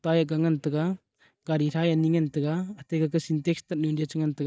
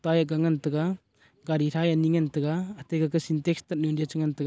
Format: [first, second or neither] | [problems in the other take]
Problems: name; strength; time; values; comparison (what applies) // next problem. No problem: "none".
second | noise reduction (neural mask model DeepFilterNet 3)